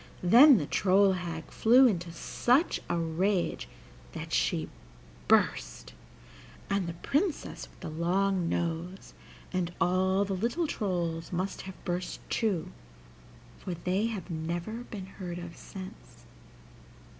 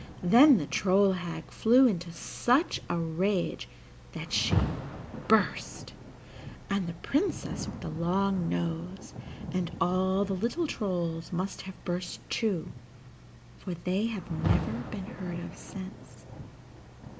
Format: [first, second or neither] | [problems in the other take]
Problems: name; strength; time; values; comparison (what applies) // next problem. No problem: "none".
first | background sound (Rain); 10 dB below the speech